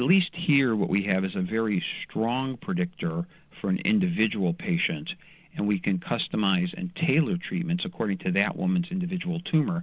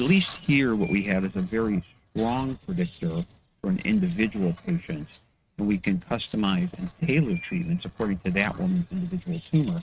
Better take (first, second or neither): first